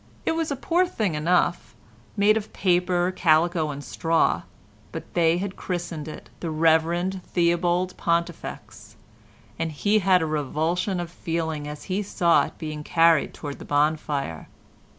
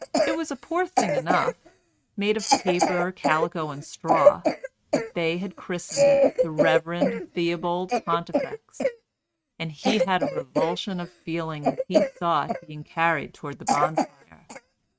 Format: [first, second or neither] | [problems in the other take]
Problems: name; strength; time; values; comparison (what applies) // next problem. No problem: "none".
first | noise reduction (neural mask model RNNoise)